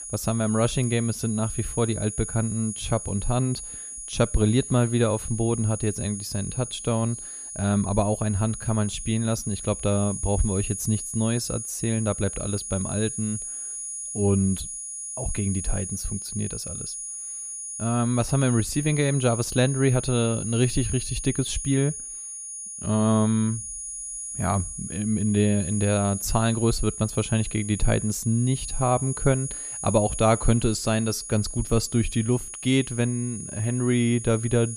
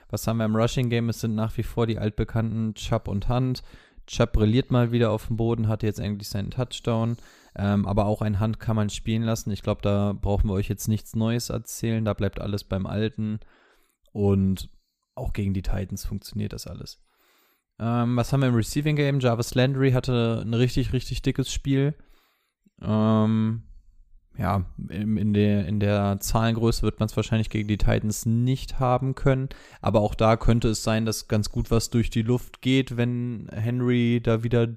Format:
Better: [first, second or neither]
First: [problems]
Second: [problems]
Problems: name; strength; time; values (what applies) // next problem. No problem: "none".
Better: second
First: high-pitched whine; loud; throughout; 10 kHz, 7 dB below the speech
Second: none